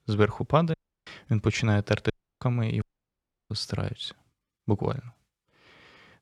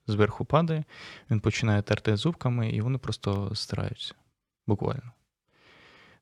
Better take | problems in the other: second | audio cutting out; at 0.5 s, at 2 s and at 3 s for 0.5 s

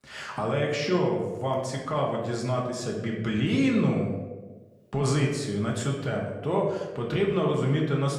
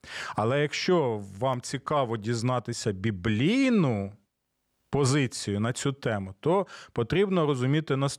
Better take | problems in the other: second | room echo; noticeable; dies away in 0.9 s // off-mic speech; far

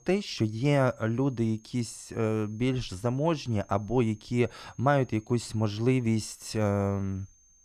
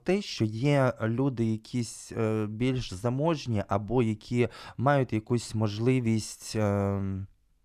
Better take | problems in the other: second | high-pitched whine; faint; throughout; 6.5 kHz, 30 dB below the speech

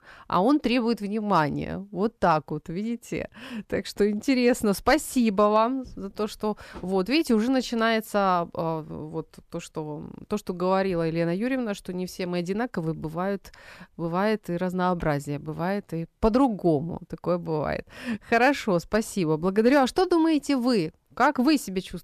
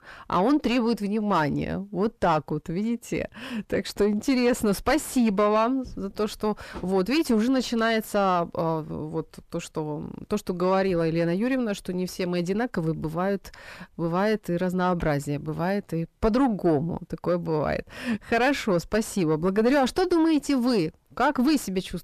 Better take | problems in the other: first | distortion; slight; 10 dB below the speech

